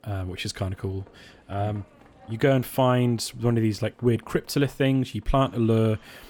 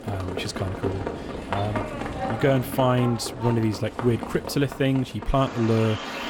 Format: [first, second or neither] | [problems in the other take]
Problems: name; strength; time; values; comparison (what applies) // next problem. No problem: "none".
first | animal sounds; loud; throughout; 8 dB below the speech; faint in the first